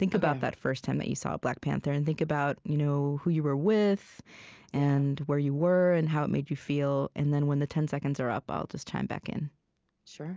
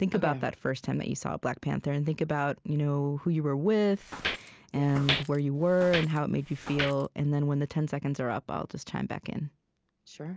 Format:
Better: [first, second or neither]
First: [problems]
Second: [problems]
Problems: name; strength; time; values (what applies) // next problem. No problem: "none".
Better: first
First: none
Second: background sound (Walk, footsteps); 7 dB below the speech